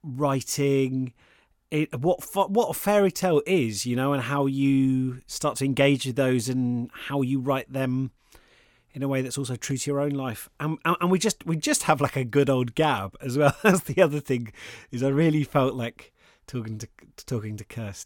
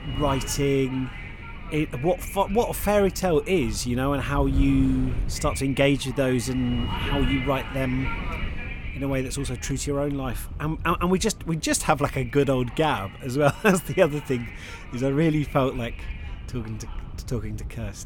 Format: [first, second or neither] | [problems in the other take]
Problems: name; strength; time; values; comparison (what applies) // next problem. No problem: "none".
first | wind noise on the microphone; occasional gusts; 10 dB below the speech